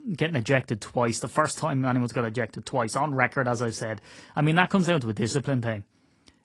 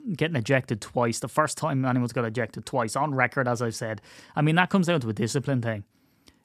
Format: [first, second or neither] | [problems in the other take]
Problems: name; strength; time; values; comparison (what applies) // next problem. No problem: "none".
second | garbled, watery; slightly; nothing above 10 kHz